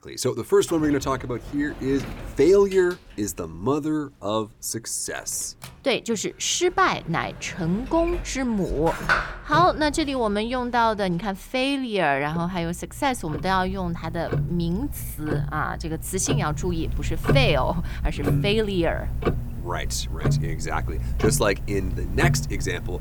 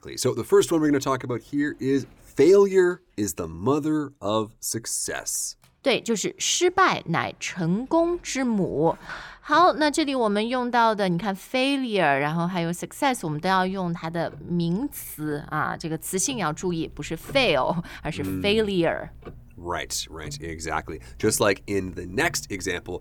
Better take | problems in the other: second | household noises; loud; throughout; 5 dB below the speech; faint in the second

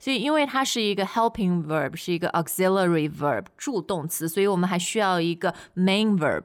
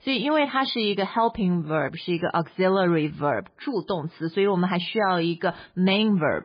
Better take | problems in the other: first | garbled, watery; badly; nothing above 4.5 kHz

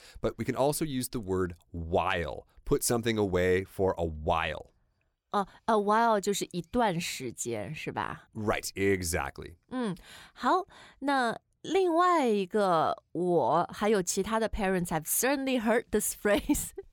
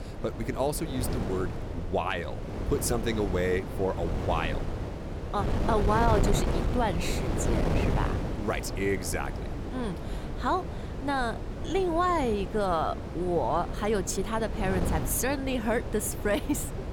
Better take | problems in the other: first | wind noise on the microphone; heavy; 7 dB below the speech

